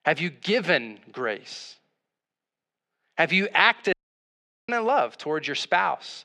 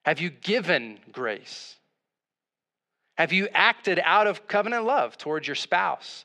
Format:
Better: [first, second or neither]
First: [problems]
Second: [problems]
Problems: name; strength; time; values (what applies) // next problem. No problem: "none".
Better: second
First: audio cutting out; at 4 s for 0.5 s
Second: none